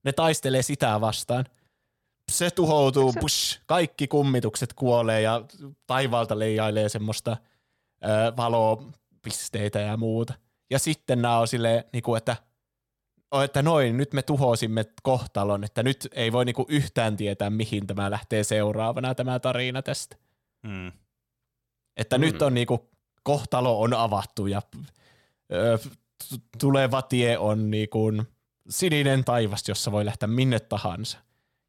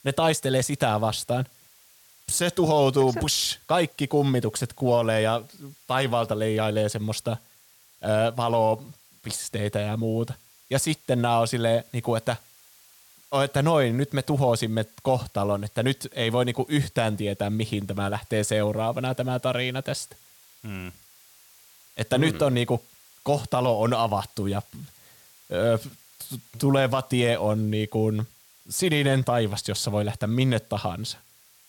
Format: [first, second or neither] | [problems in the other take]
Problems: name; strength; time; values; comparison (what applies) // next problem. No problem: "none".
first | hiss; faint; throughout; 25 dB below the speech